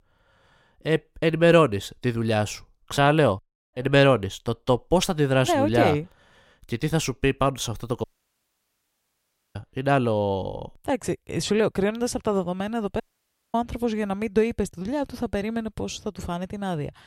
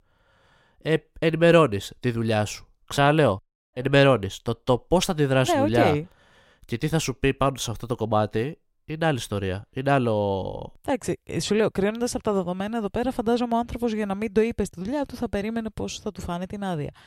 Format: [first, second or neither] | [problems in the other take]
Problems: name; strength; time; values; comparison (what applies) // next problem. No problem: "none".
second | audio cutting out; at 8 s for 1.5 s and at 13 s for 0.5 s